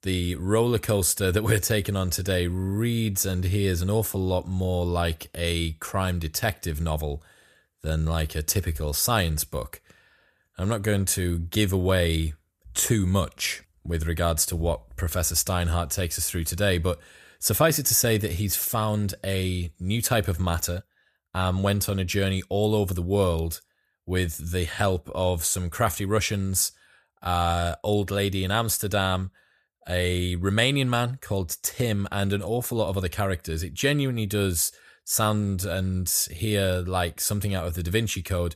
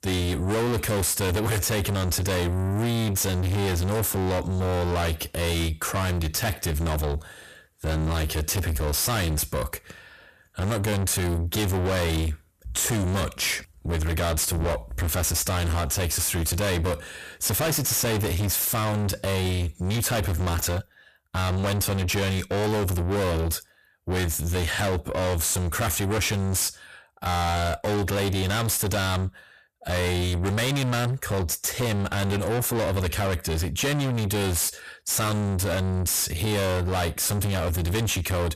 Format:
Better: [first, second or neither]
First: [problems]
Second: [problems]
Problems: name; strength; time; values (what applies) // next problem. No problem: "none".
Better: first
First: none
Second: distortion; heavy; 5 dB below the speech